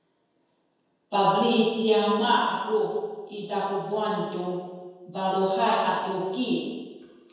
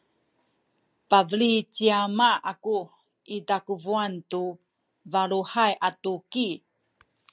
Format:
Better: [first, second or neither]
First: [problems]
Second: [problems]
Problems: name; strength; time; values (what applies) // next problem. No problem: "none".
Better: second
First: room echo; dies away in 1.2 s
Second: none